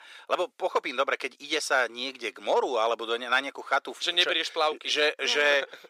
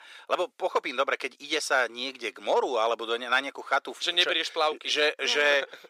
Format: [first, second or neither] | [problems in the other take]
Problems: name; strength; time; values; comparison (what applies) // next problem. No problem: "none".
neither | thin; very; fading below 400 Hz; the same in both